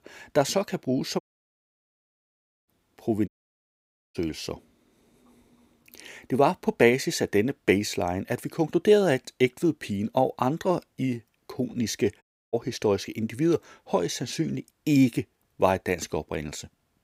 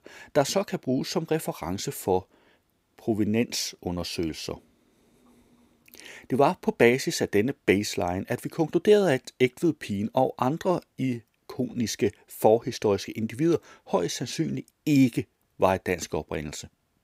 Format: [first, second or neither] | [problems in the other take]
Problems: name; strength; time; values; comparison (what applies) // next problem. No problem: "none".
second | audio cutting out; at 1 s for 1.5 s, at 3.5 s for 1 s and at 12 s